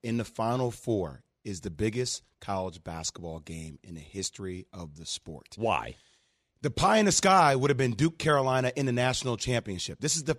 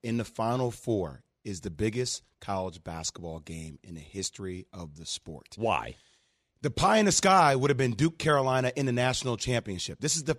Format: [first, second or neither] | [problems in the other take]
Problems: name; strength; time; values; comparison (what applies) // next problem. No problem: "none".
neither | none